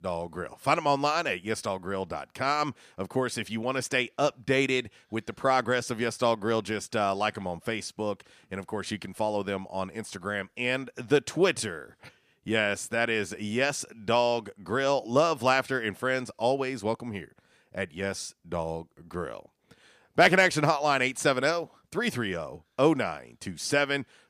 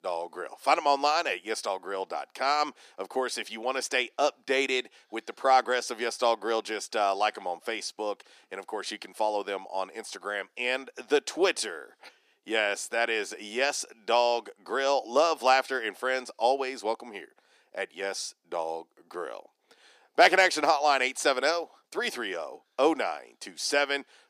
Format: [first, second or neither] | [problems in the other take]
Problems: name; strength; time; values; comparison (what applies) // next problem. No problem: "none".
first | thin; somewhat; fading below 300 Hz